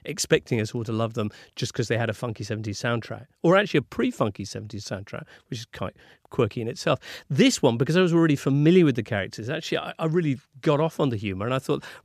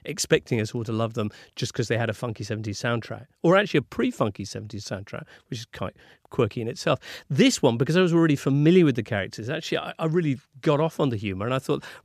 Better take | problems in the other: neither | none

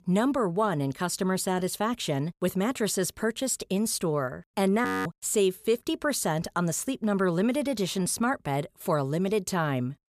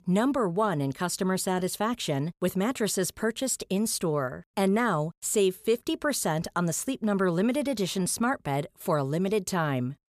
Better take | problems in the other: second | audio freezing; at 5 s

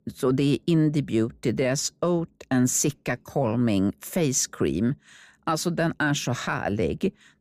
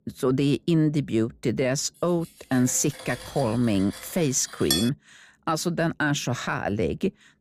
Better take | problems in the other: first | clattering dishes; noticeable; from 2.5 to 5 s; peak level with the speech

